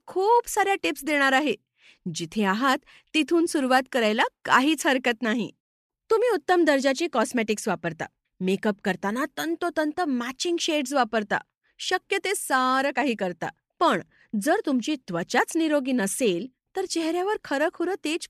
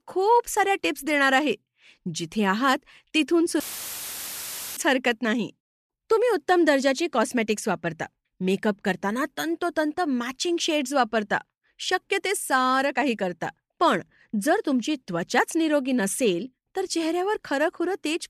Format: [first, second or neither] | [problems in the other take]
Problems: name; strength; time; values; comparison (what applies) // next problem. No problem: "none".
first | audio cutting out; filled with static; at 3.5 s for 1 s